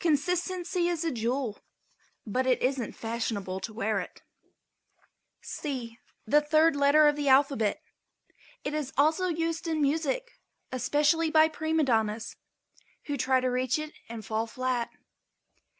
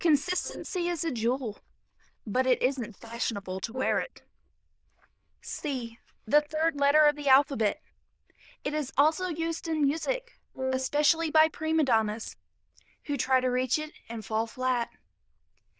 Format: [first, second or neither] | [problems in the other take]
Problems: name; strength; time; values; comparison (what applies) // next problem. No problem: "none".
first | noise reduction (neural diffusion model UNIVERSE++)